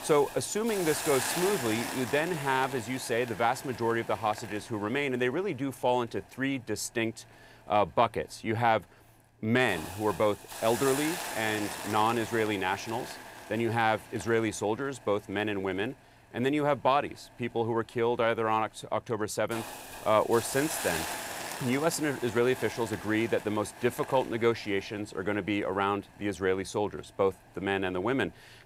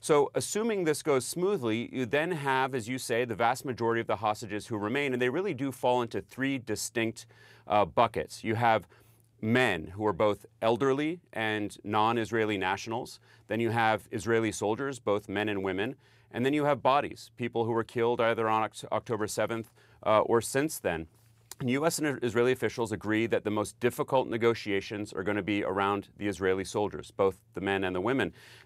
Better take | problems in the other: second | hiss; loud; throughout; 8 dB below the speech

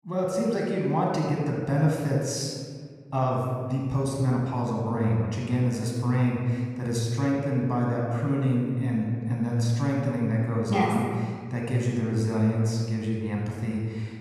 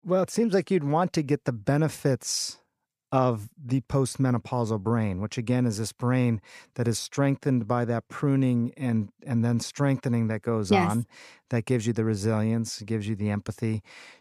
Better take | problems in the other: second | off-mic speech; somewhat distant // room echo; noticeable; dies away in 1.6 s

